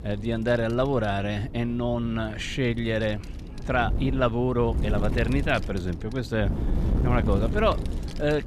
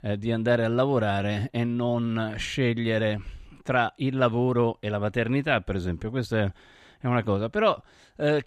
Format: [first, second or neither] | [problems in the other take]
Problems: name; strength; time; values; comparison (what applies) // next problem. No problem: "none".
second | wind noise on the microphone; occasional gusts; 15 dB below the speech